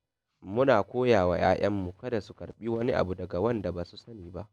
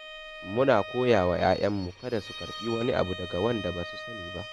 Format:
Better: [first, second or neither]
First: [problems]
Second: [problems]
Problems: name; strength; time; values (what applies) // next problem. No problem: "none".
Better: first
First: none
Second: background sound (Bowed string instrument); 12 dB below the speech